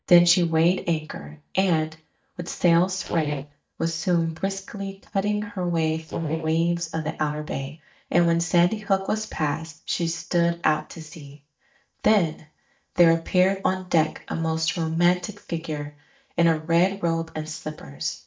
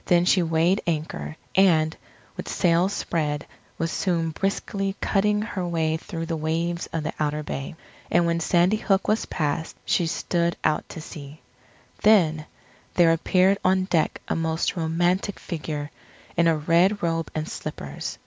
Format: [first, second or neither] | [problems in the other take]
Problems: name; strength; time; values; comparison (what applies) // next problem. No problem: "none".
second | noise reduction (neural mask model DeepFilterNet 3)